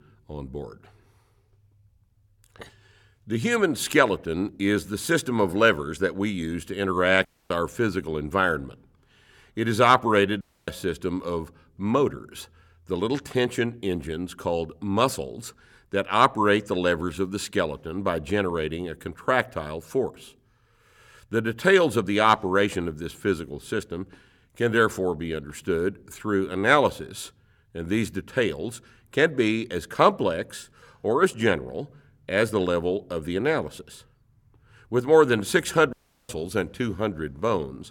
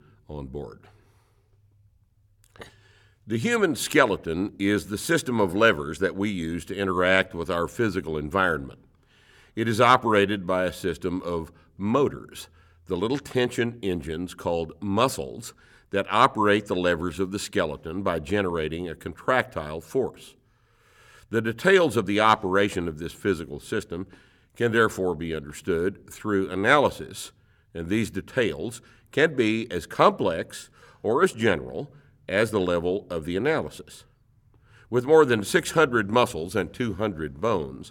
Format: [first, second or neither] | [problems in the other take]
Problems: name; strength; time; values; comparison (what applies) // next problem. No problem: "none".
second | audio cutting out; at 7.5 s, at 10 s and at 36 s